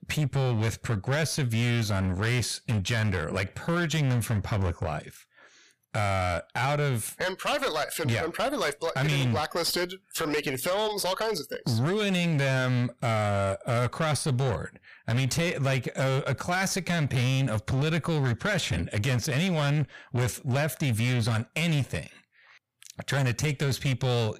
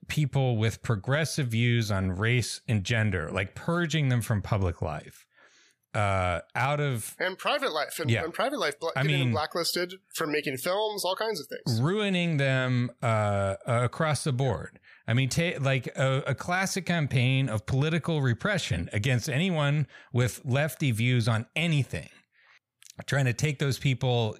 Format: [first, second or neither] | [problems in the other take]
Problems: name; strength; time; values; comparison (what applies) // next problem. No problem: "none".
second | distortion; slight; 23% of the sound clipped